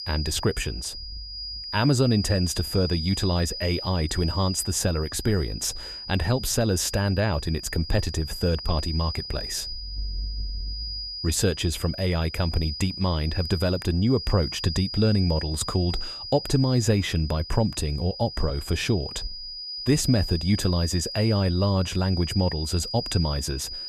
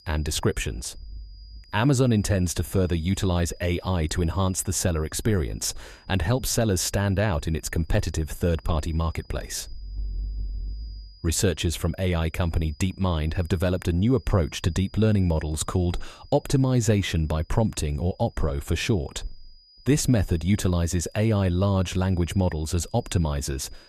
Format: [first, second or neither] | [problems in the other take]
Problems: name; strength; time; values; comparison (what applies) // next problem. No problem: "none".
second | high-pitched whine; loud; throughout; 5 kHz, 8 dB below the speech; faint in the second